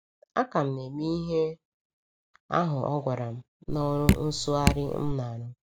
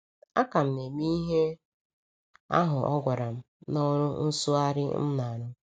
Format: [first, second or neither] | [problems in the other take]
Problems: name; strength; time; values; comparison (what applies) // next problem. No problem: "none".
second | background sound (Drip); 2 dB above the speech